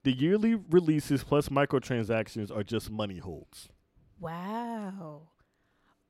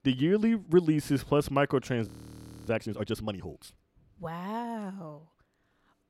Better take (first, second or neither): first